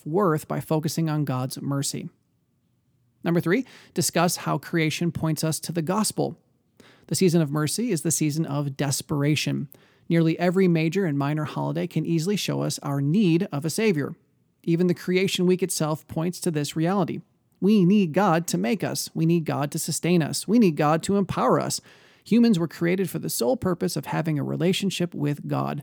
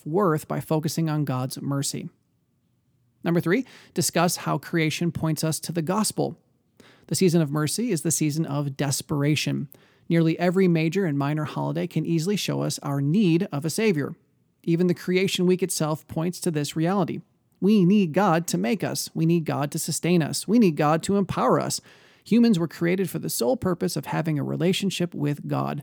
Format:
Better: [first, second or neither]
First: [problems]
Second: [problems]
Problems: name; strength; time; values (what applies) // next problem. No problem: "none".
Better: neither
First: none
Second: none